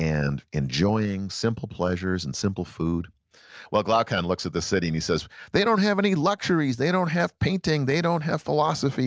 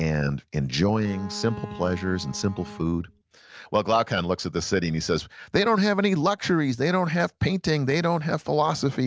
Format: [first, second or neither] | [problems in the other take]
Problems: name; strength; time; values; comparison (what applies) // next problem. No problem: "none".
first | background sound (Bowed string instrument); 16 dB below the speech